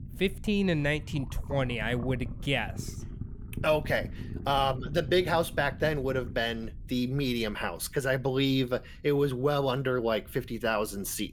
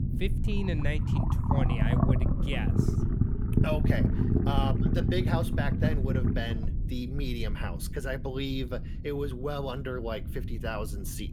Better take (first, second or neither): first